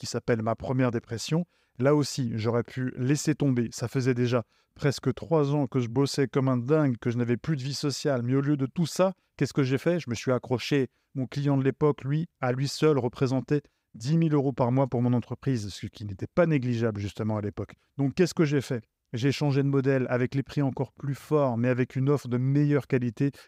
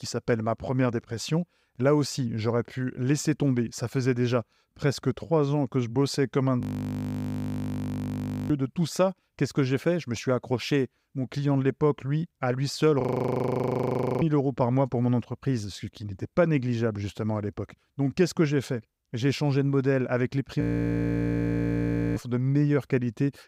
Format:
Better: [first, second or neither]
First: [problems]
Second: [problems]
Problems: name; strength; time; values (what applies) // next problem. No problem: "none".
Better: first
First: none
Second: audio freezing; at 6.5 s for 2 s, at 13 s for 1 s and at 21 s for 1.5 s